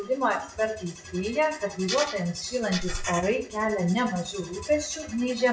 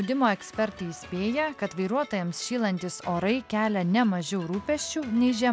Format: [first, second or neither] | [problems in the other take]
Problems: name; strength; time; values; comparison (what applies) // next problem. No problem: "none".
second | noise reduction (classical method WPE with log-MMSE)